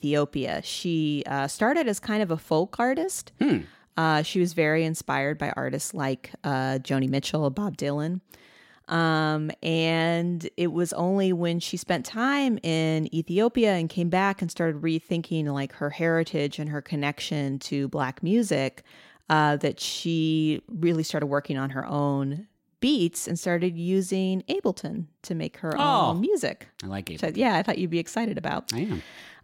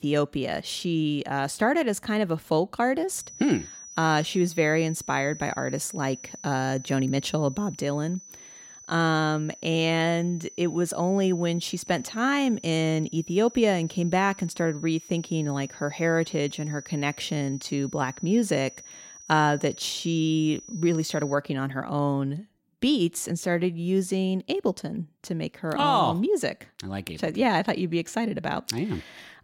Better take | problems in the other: first | high-pitched whine; noticeable; from 3 to 21 s; 6 kHz, 15 dB below the speech

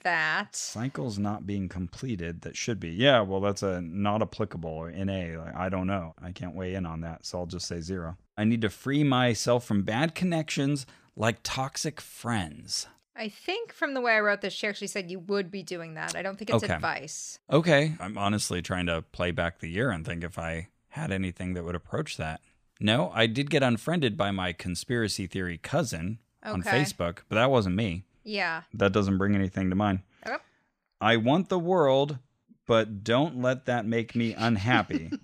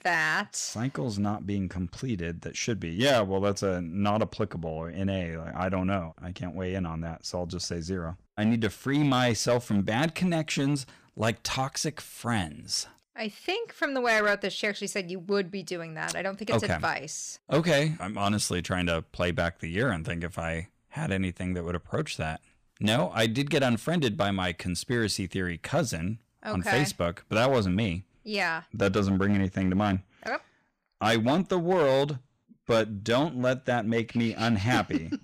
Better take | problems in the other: first | distortion; slight; 4% of the sound clipped

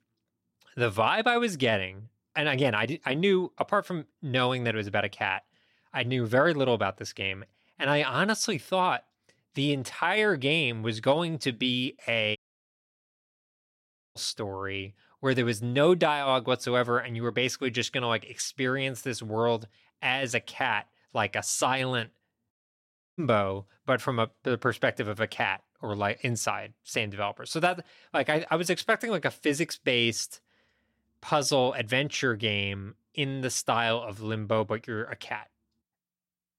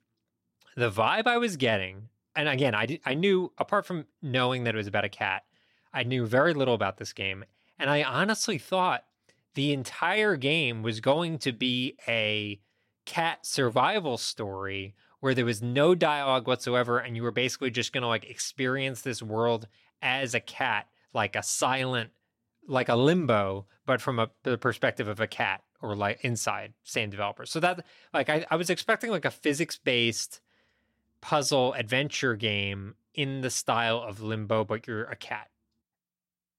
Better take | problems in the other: second | audio cutting out; at 12 s for 2 s and at 23 s for 0.5 s

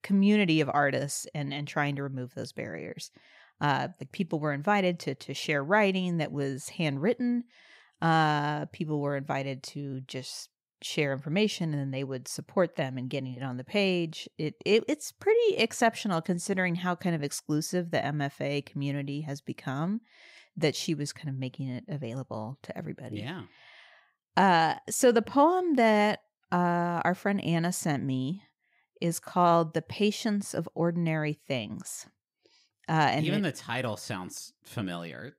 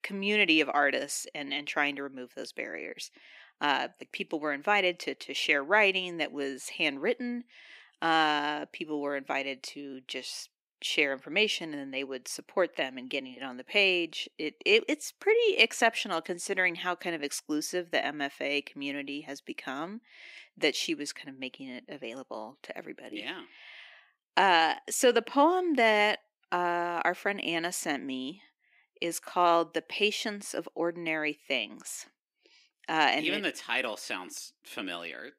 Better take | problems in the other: first | thin; somewhat; fading below 300 Hz

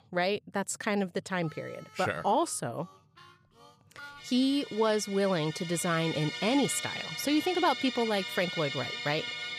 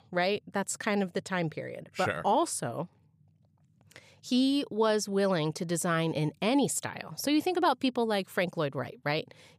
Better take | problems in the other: second | background music; loud; throughout; 7 dB below the speech

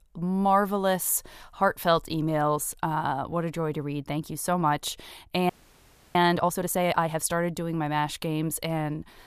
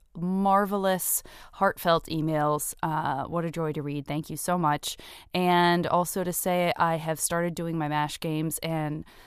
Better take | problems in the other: second | audio freezing; at 5.5 s for 0.5 s

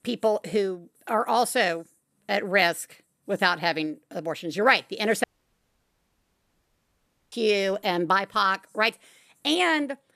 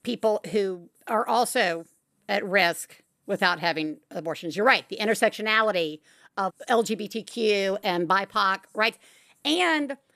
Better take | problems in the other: second | audio cutting out; at 5 s for 2 s

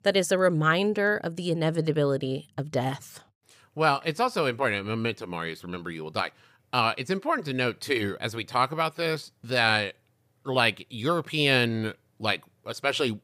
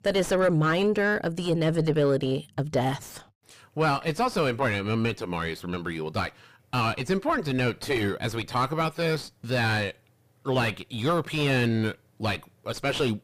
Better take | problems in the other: first | distortion; heavy; 5 dB below the speech

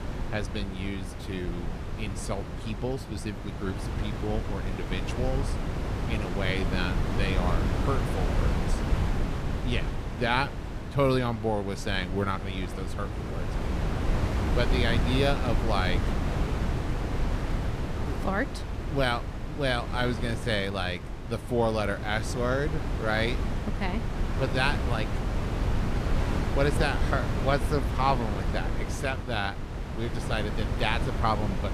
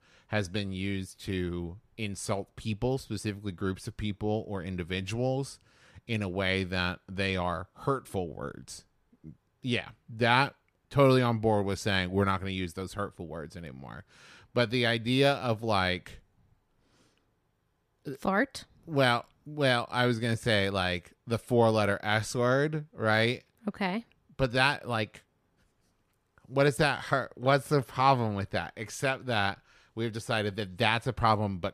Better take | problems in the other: second | wind noise on the microphone; heavy; 6 dB below the speech

